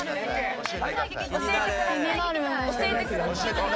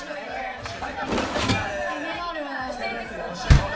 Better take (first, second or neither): first